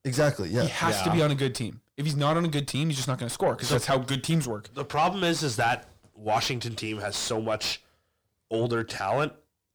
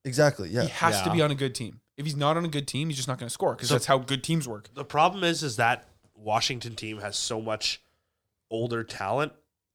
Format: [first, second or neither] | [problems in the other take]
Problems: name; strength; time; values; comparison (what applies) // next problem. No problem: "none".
second | distortion; heavy; 7 dB below the speech